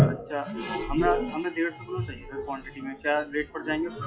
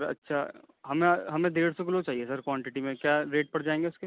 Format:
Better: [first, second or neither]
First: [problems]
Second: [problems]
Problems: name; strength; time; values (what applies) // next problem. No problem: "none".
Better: second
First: noise reduction (classical method WPE with log-MMSE)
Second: none